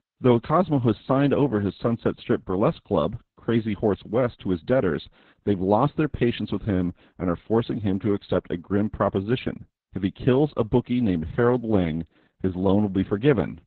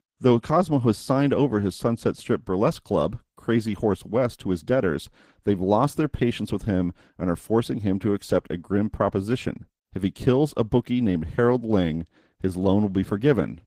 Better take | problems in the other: second | garbled, watery; badly; slightly in the second

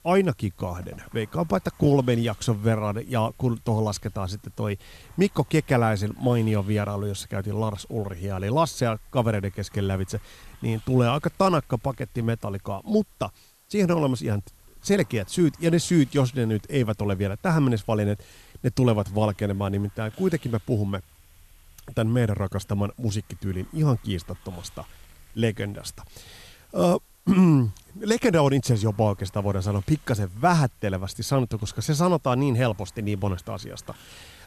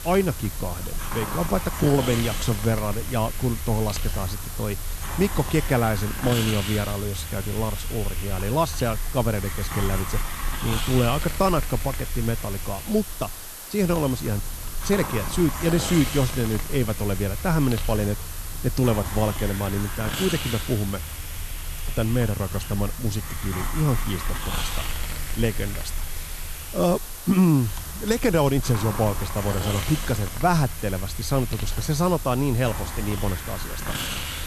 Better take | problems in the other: first | hiss; loud; throughout; 6 dB below the speech; faint in the first

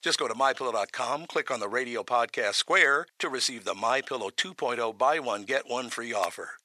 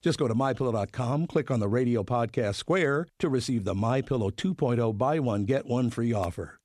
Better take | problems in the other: second | thin; very; fading below 850 Hz

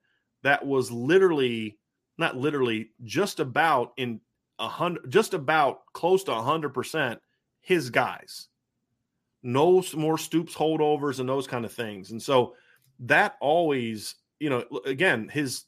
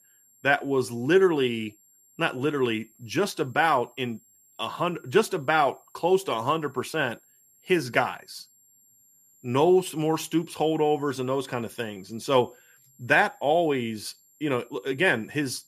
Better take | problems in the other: first | high-pitched whine; faint; throughout; 7.5 kHz, 30 dB below the speech

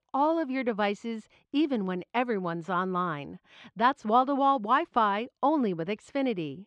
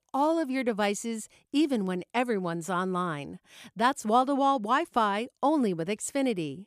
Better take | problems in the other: second | muffled; slightly; fading above 4 kHz

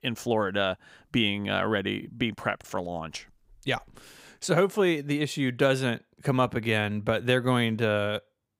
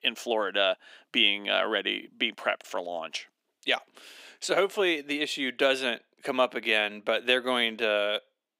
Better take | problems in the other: first | thin; somewhat; fading below 250 Hz

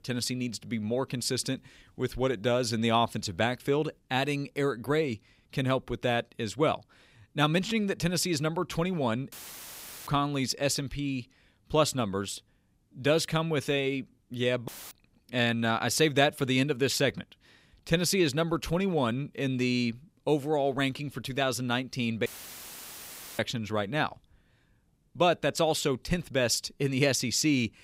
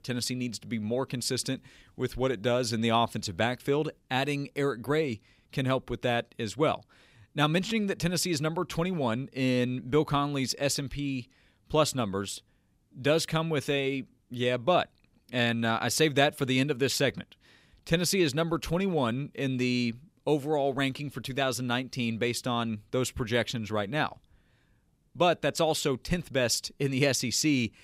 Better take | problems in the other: second | audio cutting out; filled with static; at 9.5 s for 1 s, at 15 s and at 22 s for 1 s

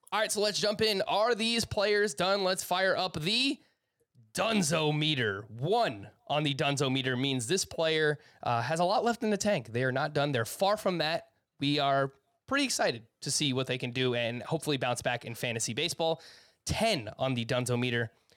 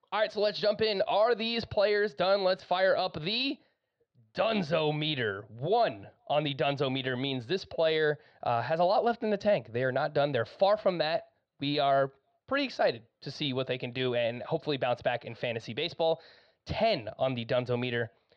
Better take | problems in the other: first | muffled; slightly; fading above 4.5 kHz

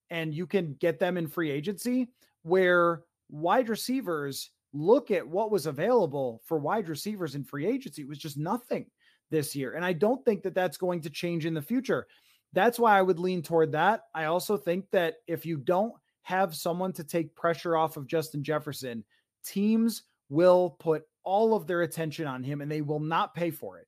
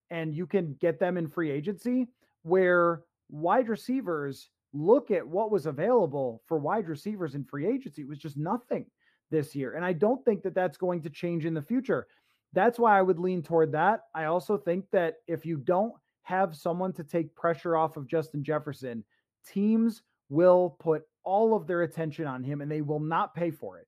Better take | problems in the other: first | muffled; slightly; fading above 2.5 kHz

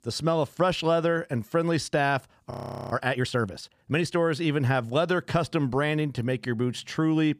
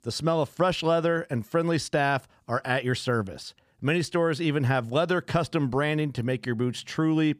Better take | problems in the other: second | audio freezing; at 2.5 s

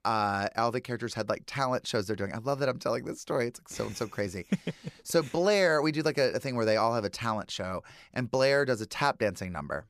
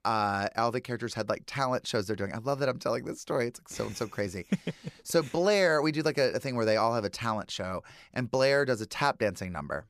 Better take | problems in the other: neither | none

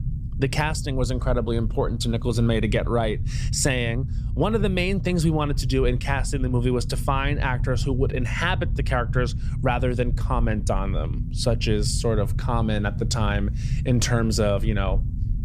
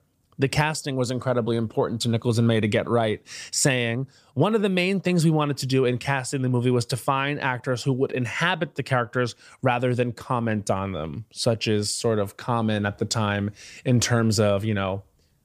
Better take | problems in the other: second | low rumble; noticeable; throughout; 15 dB below the speech

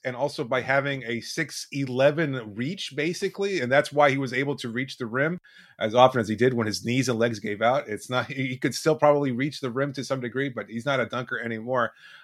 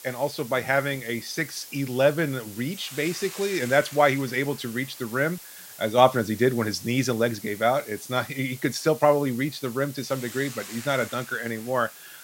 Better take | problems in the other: first | hiss; noticeable; throughout; 15 dB below the speech

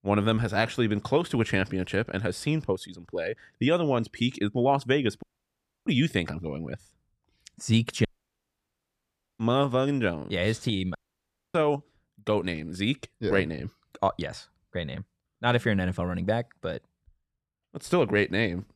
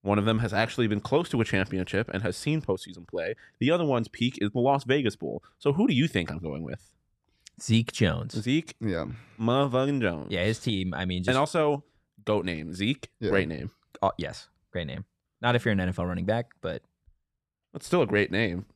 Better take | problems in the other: second | audio cutting out; at 5 s for 0.5 s, at 8 s for 1.5 s and at 11 s for 0.5 s

